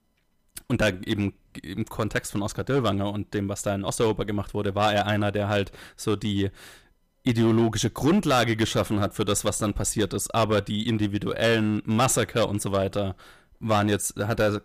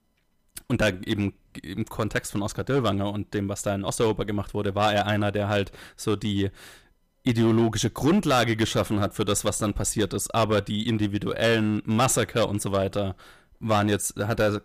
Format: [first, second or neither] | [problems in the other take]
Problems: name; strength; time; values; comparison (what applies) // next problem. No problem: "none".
neither | distortion; slight; 5% of the sound clipped; the same in both